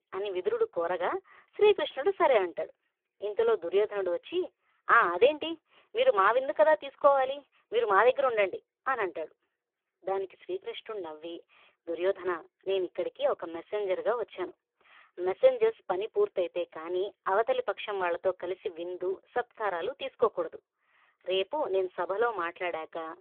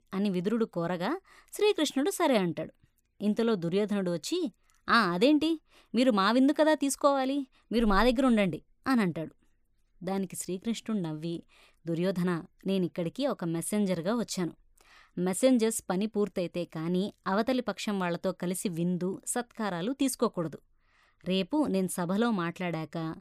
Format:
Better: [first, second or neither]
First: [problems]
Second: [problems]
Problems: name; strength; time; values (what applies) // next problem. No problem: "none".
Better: second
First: phone-call audio; poor line; nothing above 3.5 kHz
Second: none